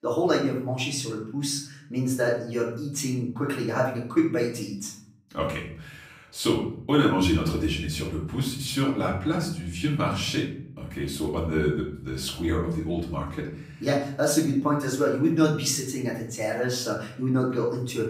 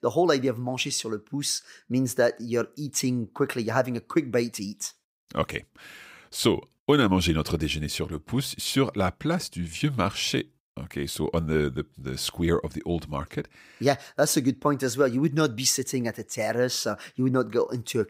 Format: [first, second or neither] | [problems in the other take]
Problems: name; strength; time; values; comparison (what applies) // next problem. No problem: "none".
second | off-mic speech; far // room echo; noticeable; dies away in 0.7 s